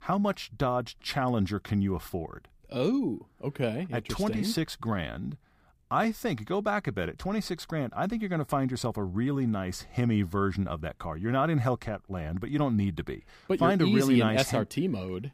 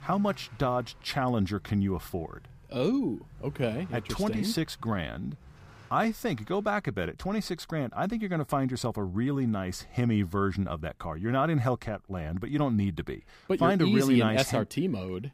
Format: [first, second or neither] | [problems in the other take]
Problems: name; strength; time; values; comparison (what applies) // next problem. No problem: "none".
first | traffic noise; faint; until 7 s; 25 dB below the speech